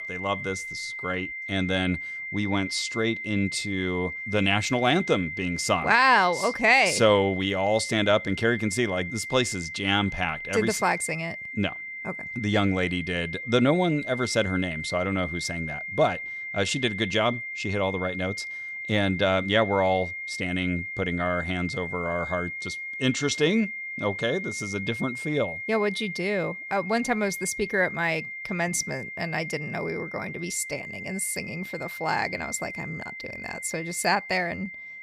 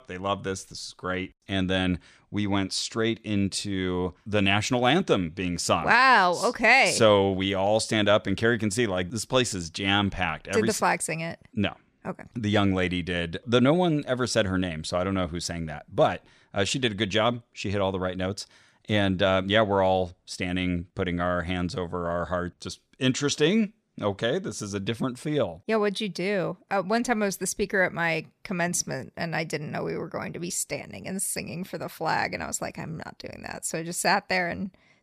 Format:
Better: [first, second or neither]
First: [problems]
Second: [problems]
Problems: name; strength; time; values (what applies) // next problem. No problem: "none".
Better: second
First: high-pitched whine; loud; throughout; 2 kHz, 7 dB below the speech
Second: none